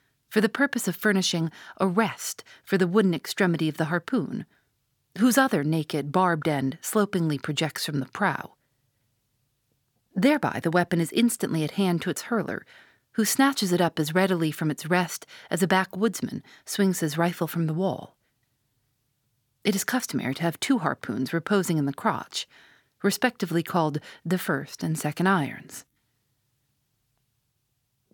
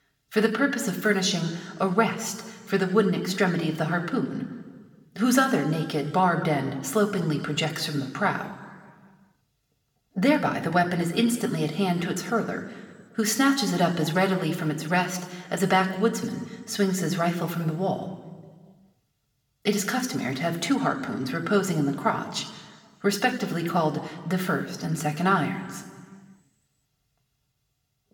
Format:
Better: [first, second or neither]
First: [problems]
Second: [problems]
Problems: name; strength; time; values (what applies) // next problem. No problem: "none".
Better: first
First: none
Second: room echo; slight; dies away in 1.4 s